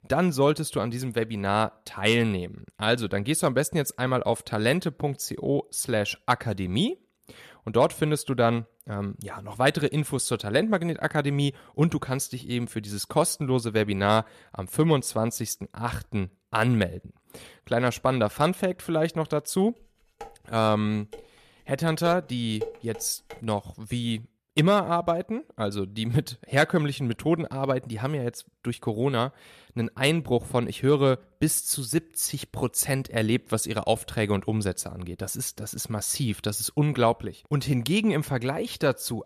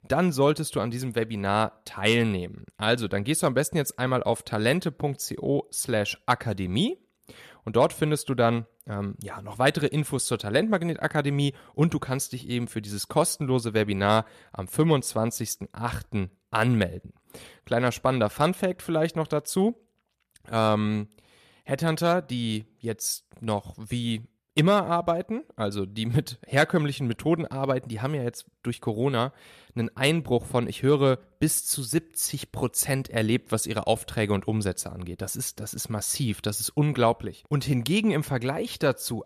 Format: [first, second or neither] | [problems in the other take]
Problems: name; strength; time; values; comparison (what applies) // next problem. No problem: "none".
second | clattering dishes; noticeable; from 20 to 23 s; peak 10 dB below the speech